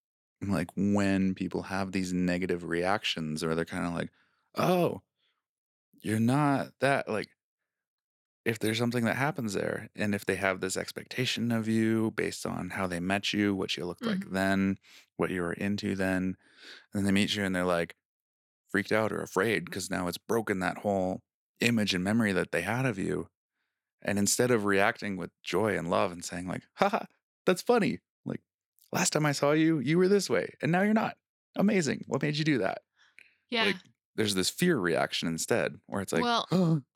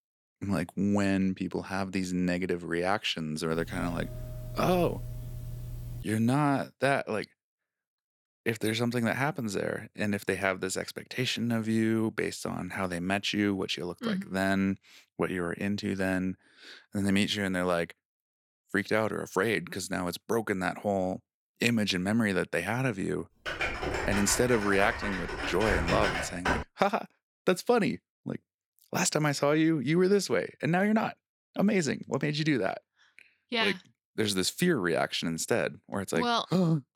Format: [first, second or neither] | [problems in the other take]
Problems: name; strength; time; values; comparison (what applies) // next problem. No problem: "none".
first | doorbell; faint; from 3.5 to 6 s; peak 10 dB below the speech // keyboard typing; noticeable; from 23 to 27 s; peak level with the speech